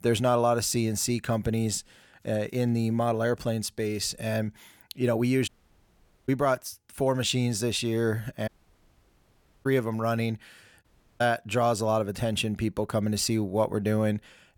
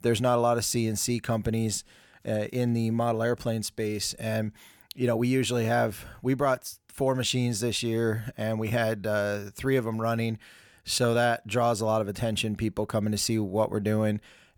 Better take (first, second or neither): second